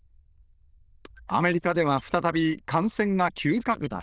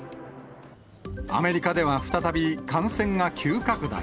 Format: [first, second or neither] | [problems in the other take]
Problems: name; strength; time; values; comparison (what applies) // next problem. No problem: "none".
second | noise reduction (neural diffusion model UNIVERSE++)